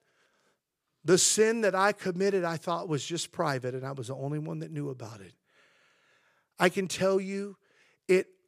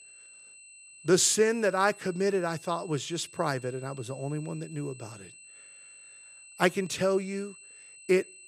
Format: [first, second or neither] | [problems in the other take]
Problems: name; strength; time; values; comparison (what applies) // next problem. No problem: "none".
first | high-pitched whine; noticeable; throughout; 8 kHz, 20 dB below the speech